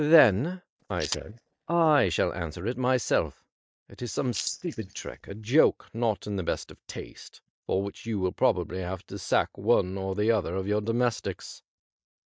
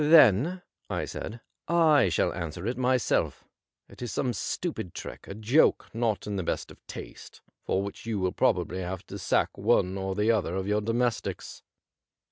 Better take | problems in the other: second | noise reduction (neural mask model DeepFilterNet 3)

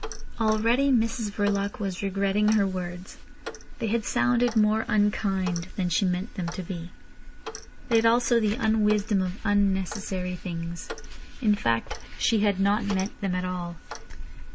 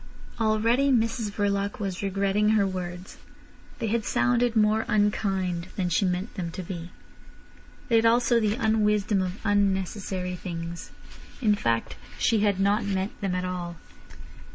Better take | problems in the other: second | background sound (Clock); 18 dB below the speech

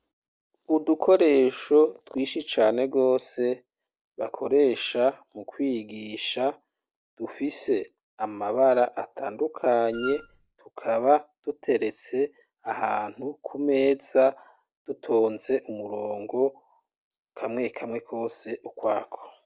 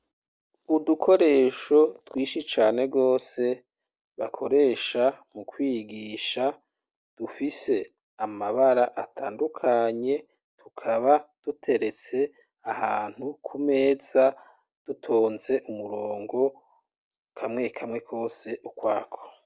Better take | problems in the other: second | background sound (Wind instrument, woodwind instrument); 13 dB below the speech

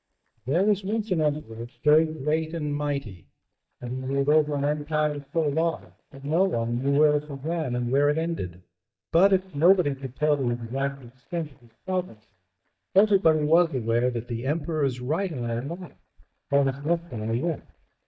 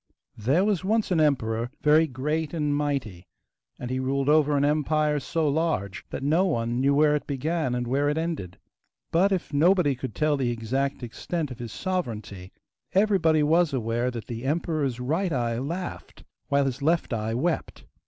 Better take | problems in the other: second | noise reduction (neural mask model DeepFilterNet 3)

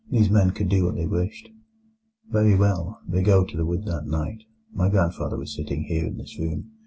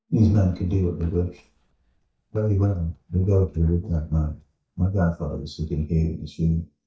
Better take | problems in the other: first | noise reduction (neural mask model DeepFilterNet 3)

